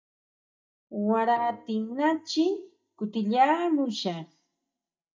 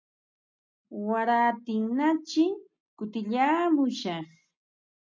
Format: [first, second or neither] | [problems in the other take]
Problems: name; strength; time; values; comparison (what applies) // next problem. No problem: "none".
second | noise reduction (neural mask model DeepFilterNet 3)